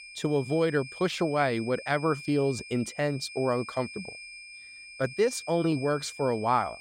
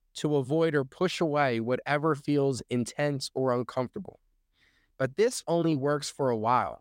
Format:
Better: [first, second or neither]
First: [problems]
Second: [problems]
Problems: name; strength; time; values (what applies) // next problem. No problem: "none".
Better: second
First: high-pitched whine; noticeable; throughout; 2.5 kHz, 15 dB below the speech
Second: none